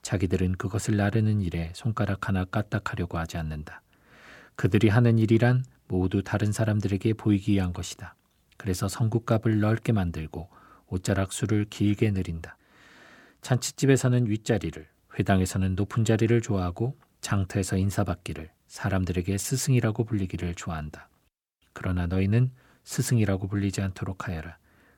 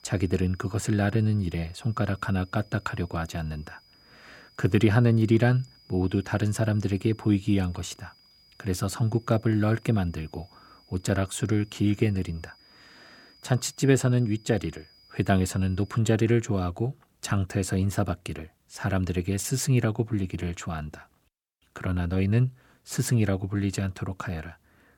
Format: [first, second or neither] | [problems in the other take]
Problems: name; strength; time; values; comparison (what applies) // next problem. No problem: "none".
first | high-pitched whine; faint; until 16 s; 5 kHz, 30 dB below the speech